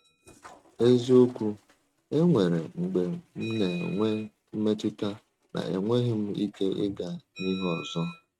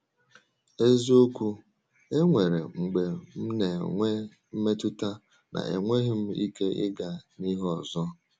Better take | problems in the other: second | noise reduction (neural mask model RNNoise)

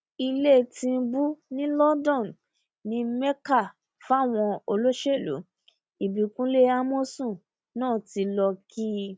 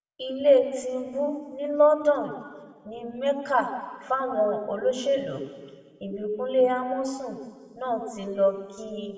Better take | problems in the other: first | room echo; dies away in 1.6 s

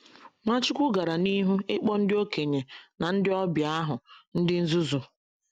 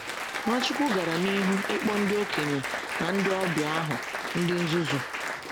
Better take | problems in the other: first | background sound (Applause); 4 dB below the speech

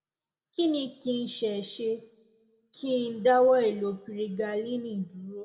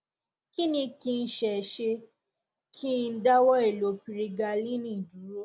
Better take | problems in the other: second | room echo; dies away in 0.6 s

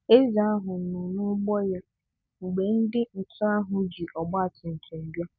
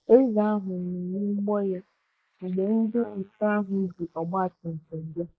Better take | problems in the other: first | noise reduction (neural mask model Resemble Enhance denoiser)

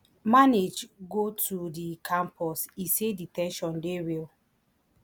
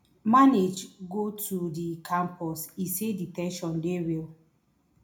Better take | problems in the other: first | room echo; dies away in 0.3 s

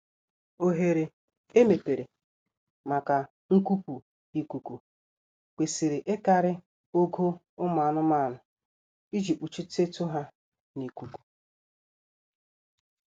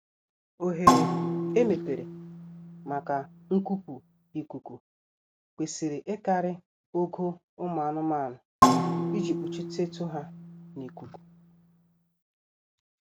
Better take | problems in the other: first | background sound (Percussion); 4 dB above the speech

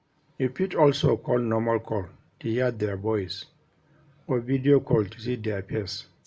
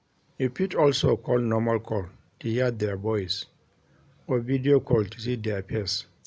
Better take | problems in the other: second | room echo; dies away in 0.2 s

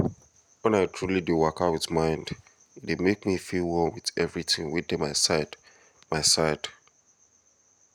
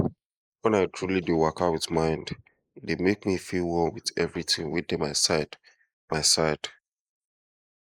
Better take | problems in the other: first | noise reduction (neural mask model Resemble Enhance denoiser)

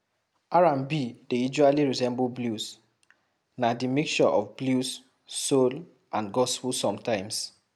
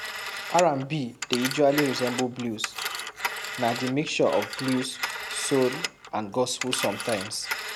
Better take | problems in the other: first | background sound (Telephone); 7 dB below the speech

